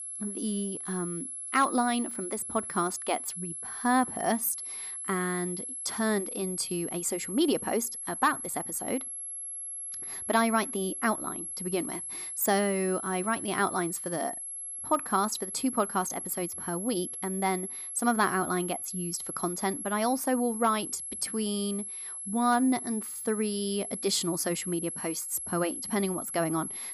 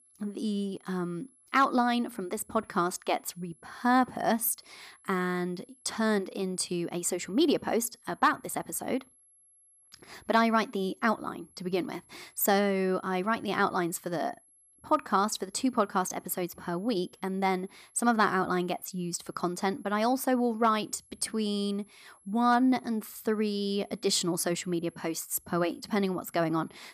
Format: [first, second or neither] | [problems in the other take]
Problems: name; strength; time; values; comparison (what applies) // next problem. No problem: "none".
second | high-pitched whine; loud; throughout; 11 kHz, 5 dB below the speech; faint in the second